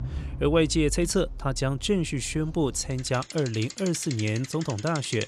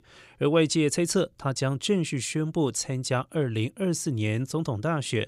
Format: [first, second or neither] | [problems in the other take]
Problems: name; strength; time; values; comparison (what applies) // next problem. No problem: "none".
second | traffic noise; noticeable; throughout; 10 dB below the speech